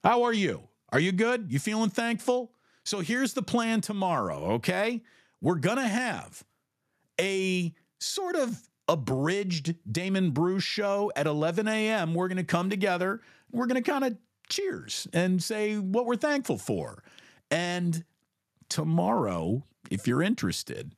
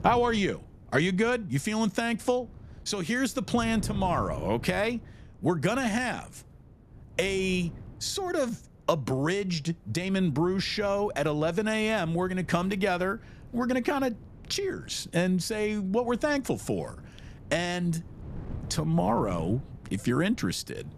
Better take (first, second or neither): first